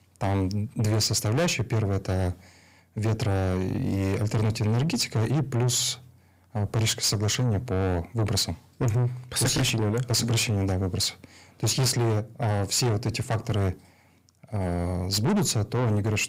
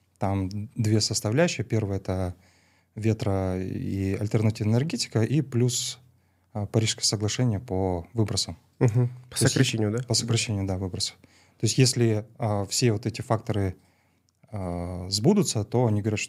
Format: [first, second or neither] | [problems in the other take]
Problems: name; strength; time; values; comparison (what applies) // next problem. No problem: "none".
second | distortion; heavy; 6 dB below the speech